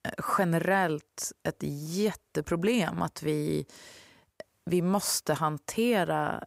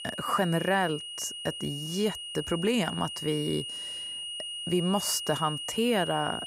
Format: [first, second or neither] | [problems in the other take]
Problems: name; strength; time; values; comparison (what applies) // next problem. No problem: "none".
first | high-pitched whine; loud; throughout; 3 kHz, 6 dB below the speech